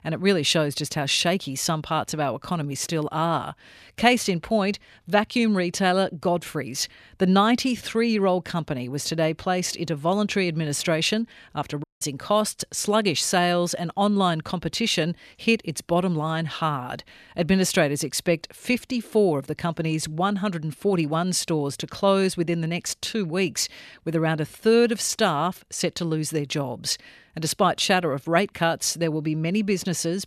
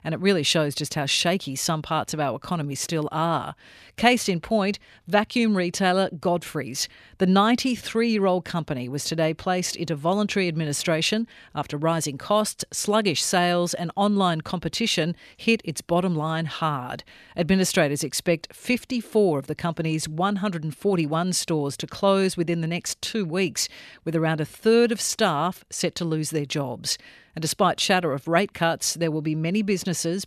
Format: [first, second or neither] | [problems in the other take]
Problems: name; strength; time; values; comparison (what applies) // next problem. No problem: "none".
second | audio cutting out; at 12 s